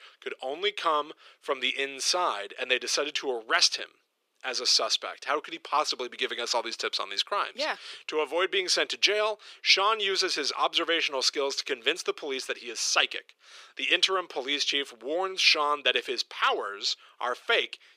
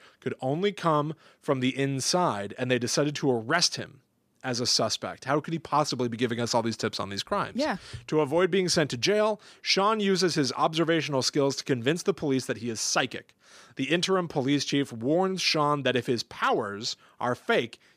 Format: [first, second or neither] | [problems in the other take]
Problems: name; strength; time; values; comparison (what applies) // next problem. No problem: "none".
second | thin; very; fading below 400 Hz